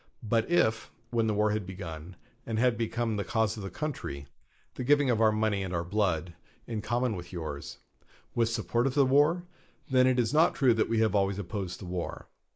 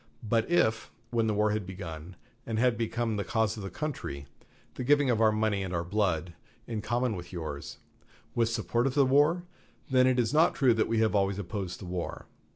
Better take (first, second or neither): second